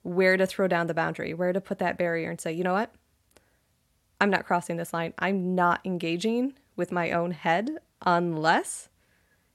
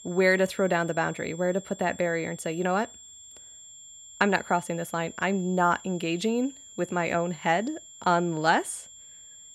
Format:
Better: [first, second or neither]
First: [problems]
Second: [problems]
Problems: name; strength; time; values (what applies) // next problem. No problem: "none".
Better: first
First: none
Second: high-pitched whine; noticeable; throughout; 7.5 kHz, 20 dB below the speech